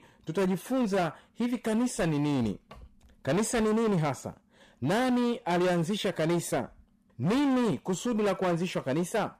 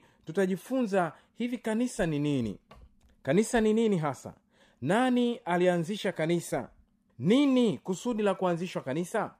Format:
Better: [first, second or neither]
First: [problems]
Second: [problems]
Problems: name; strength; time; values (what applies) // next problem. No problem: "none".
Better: second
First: distortion; heavy; 19% of the sound clipped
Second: none